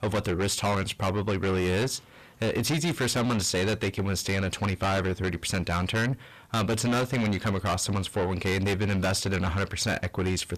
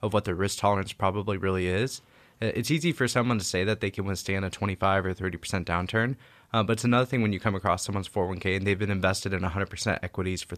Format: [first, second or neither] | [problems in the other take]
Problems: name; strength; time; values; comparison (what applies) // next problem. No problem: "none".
second | distortion; heavy; 6 dB below the speech